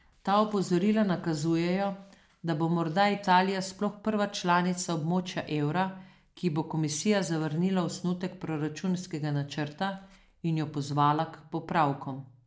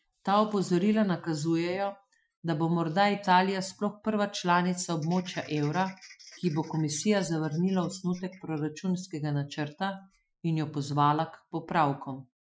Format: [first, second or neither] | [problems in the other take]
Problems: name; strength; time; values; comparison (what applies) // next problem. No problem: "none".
first | noise reduction (classical method Wiener filter)